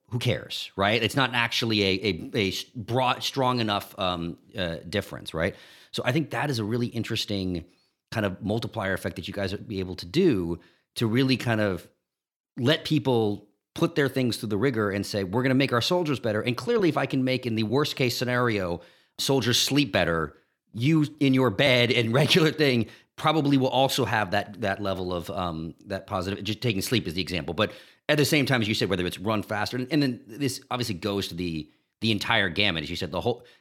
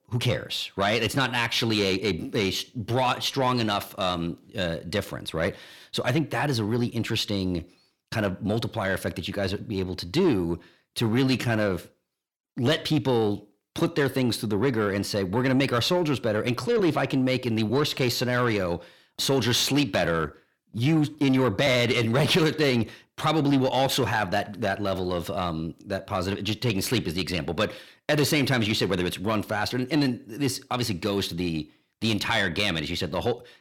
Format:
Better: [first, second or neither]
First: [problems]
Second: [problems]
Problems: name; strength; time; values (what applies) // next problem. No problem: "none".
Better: first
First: none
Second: distortion; slight; 10 dB below the speech